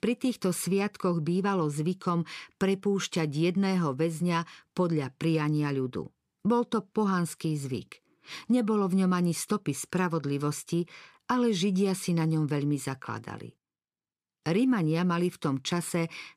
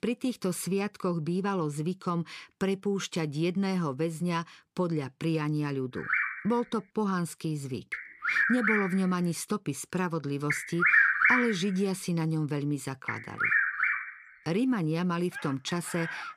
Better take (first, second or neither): first